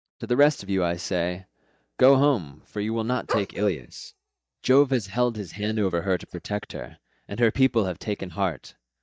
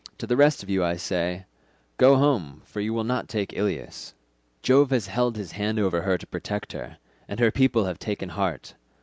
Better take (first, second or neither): second